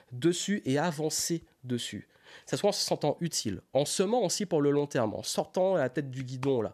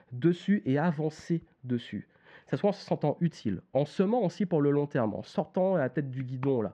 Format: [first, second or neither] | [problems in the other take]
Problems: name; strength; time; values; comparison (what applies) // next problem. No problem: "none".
first | muffled; very; fading above 2 kHz